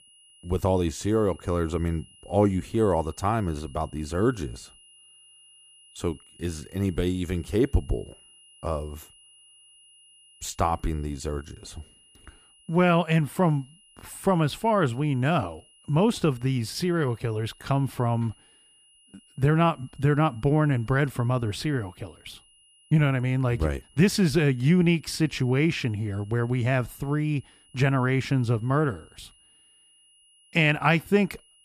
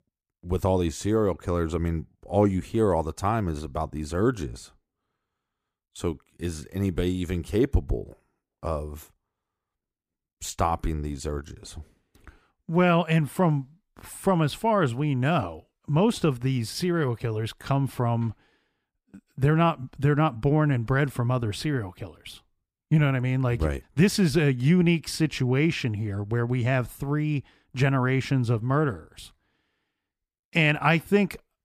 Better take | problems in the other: second | high-pitched whine; faint; throughout; 3 kHz, 30 dB below the speech

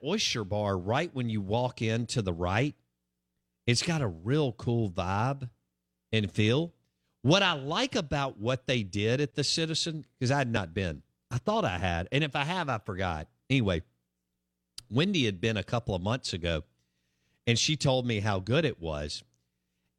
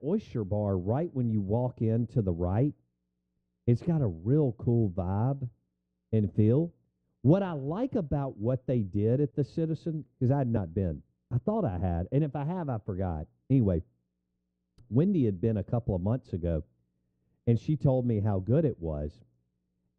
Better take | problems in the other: first | muffled; very; fading above 1.5 kHz

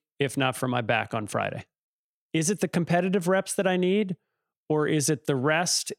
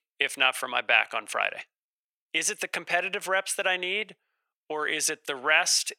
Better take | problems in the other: first | thin; very; fading below 750 Hz

